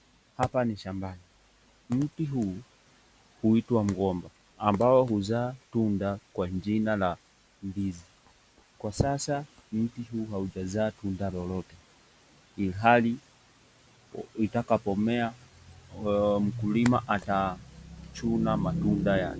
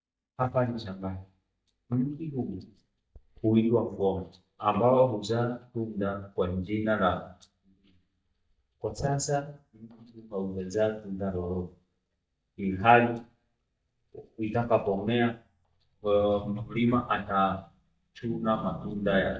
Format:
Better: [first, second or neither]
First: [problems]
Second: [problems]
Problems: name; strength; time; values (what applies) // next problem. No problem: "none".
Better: first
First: none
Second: noise reduction (neural mask model DeepFilterNet 3)